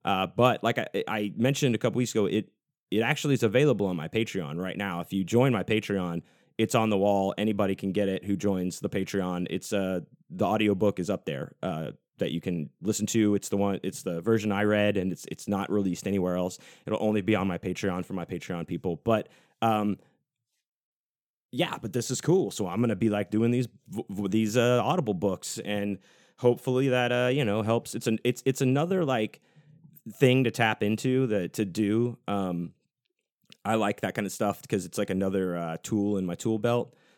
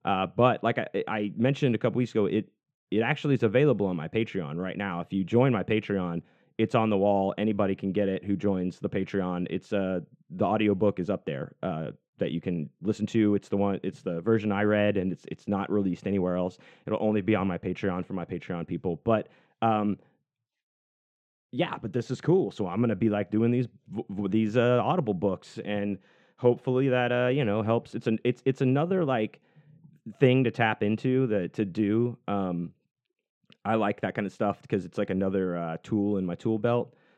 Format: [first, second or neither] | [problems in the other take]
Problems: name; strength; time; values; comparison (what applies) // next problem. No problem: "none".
first | muffled; very; fading above 2.5 kHz